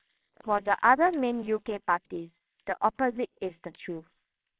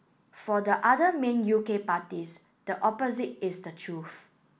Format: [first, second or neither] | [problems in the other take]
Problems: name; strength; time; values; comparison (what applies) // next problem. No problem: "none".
second | noise reduction (neural separator model SepFormer WHAMR!)